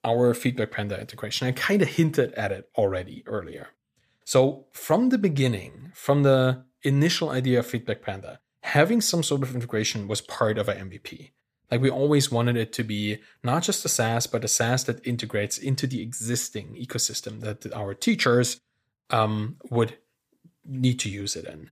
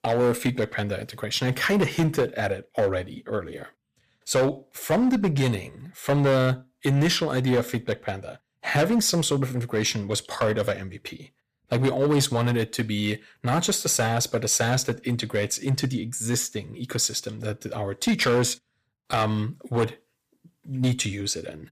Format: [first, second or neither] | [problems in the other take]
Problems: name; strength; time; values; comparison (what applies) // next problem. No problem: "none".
first | distortion; slight; 6% of the sound clipped